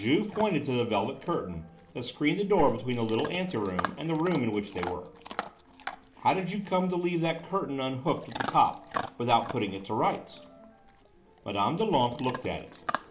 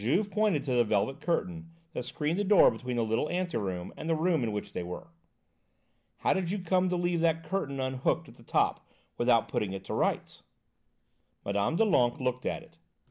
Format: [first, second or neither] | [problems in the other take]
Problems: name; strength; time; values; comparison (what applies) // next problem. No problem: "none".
second | background sound (Chewing, mastication / Dog); 12 dB below the speech // room echo; dies away in 0.5 s